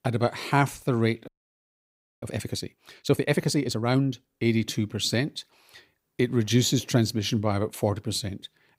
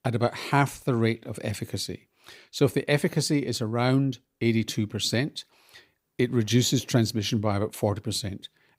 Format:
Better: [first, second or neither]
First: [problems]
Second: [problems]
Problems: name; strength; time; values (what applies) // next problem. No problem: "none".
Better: second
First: audio freezing; at 1.5 s for 1 s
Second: none